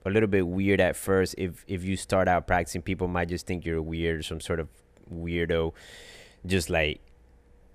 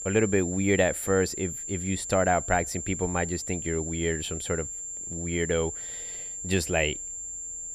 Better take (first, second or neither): first